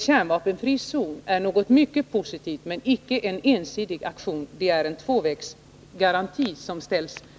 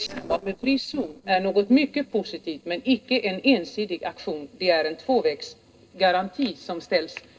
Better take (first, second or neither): first